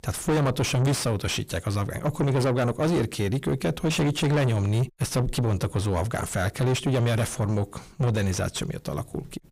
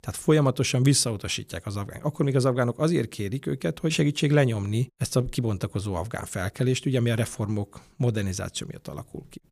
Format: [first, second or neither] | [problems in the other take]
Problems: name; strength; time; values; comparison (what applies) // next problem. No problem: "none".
second | distortion; heavy; 5 dB below the speech